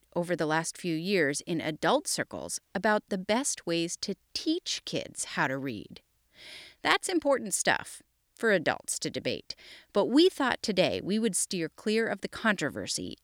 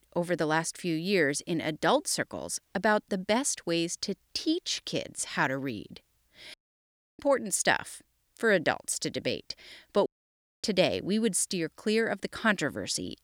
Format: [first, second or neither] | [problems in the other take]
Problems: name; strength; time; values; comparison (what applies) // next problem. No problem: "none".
first | audio cutting out; at 6.5 s for 0.5 s and at 10 s for 0.5 s